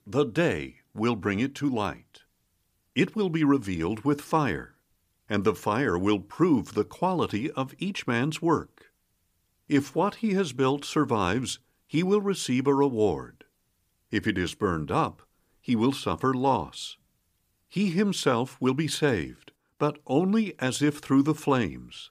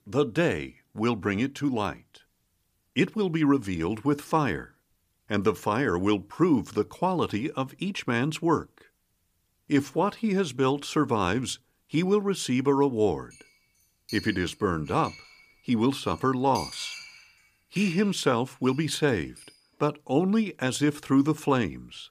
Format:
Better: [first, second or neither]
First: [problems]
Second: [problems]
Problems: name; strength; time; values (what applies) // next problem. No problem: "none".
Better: first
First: none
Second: clattering dishes; noticeable; from 13 to 20 s; peak 9 dB below the speech